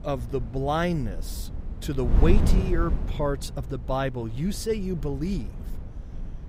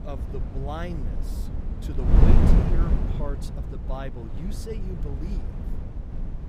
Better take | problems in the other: first | wind noise on the microphone; heavy; 2 dB above the speech; occasional gusts in the first

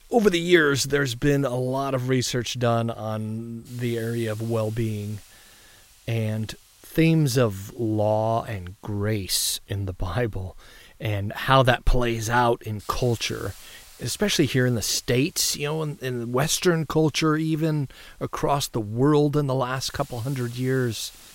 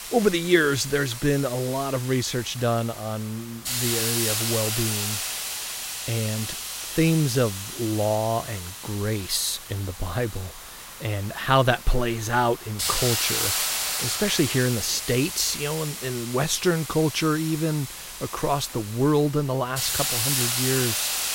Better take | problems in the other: first | hiss; loud; throughout; 2 dB below the speech; faint in the first

